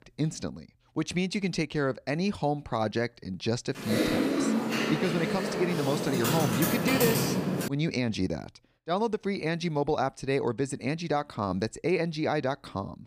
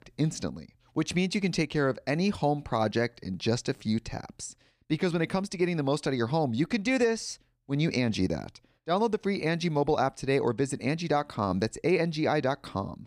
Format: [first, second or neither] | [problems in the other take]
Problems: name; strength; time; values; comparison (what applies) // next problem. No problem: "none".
second | keyboard typing; loud; from 4 to 7.5 s; peak 4 dB above the speech